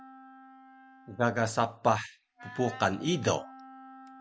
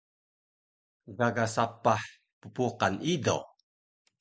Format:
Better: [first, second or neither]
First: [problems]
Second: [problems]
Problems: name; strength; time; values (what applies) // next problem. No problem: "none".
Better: second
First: background sound (Wind instrument, woodwind instrument); 18 dB below the speech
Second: none